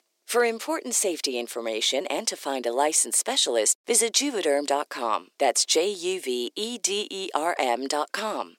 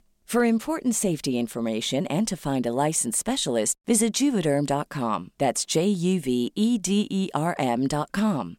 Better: second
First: thin; somewhat; fading below 350 Hz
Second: none

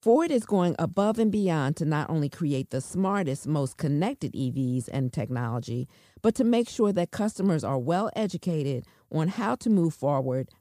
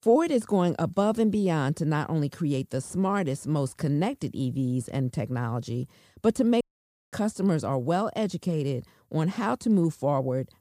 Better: first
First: none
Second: audio cutting out; at 6.5 s for 0.5 s

